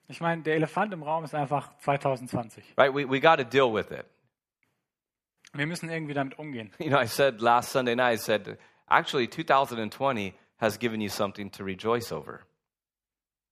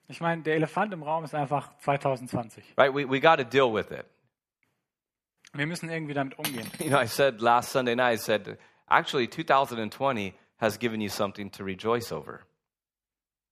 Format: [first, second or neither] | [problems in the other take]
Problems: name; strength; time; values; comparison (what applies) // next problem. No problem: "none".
first | clattering dishes; noticeable; at 6.5 s; peak 7 dB below the speech